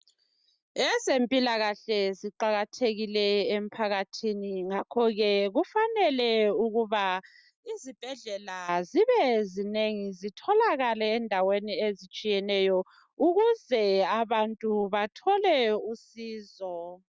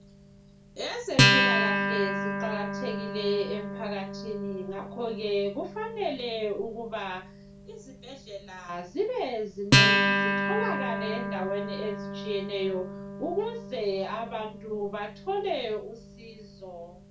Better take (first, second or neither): first